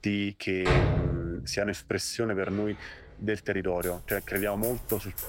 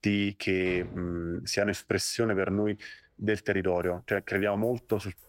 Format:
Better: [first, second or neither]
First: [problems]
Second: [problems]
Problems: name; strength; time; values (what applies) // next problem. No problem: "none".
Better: second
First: household noises; loud; throughout; as loud as the speech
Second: household noises; faint; throughout; 20 dB below the speech